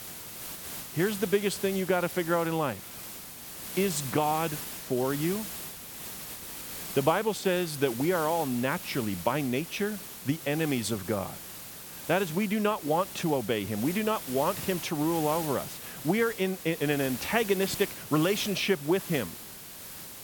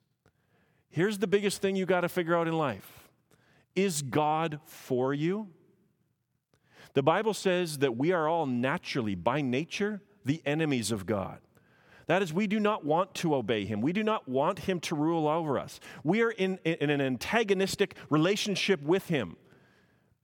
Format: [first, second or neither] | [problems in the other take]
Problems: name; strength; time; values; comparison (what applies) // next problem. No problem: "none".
second | hiss; loud; throughout; 9 dB below the speech